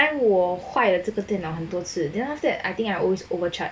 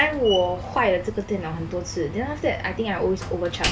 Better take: first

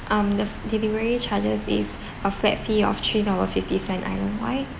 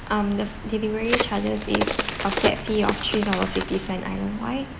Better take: first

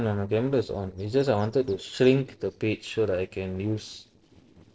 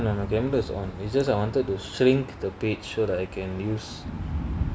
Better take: second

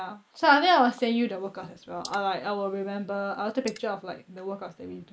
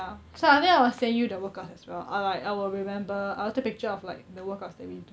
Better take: second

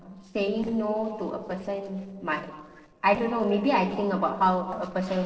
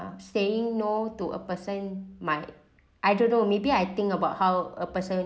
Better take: second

